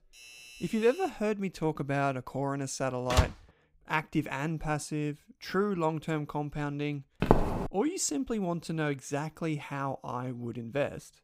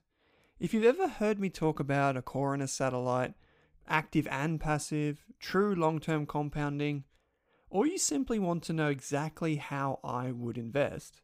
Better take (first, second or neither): second